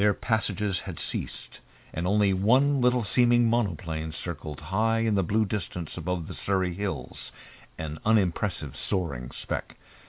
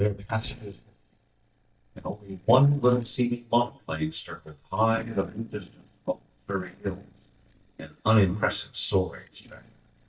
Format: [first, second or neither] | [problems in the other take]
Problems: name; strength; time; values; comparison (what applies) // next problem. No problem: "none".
first | noise reduction (neural mask model DeepFilterNet 3)